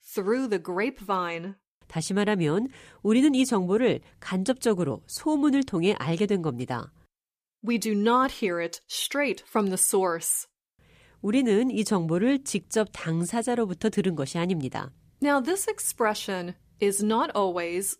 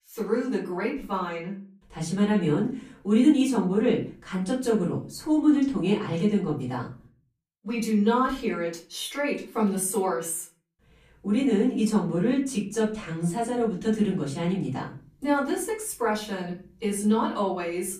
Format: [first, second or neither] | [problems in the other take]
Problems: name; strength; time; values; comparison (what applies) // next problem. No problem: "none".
first | off-mic speech; far // room echo; slight; dies away in 0.4 s